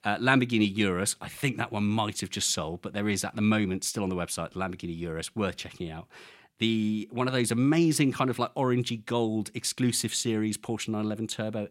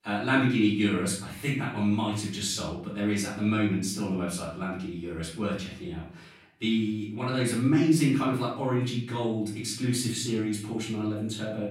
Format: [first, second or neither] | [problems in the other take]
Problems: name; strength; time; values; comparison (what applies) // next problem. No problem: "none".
first | off-mic speech; far // room echo; noticeable; dies away in 0.5 s